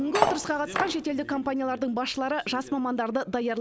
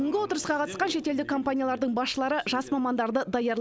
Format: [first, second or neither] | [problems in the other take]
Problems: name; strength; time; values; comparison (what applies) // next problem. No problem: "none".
second | background sound (Cutlery, silverware); 1 dB below the speech